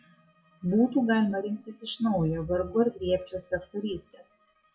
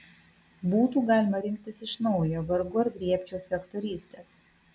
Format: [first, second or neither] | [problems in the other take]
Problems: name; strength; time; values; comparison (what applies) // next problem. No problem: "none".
second | noise reduction (classical method WPE with log-MMSE)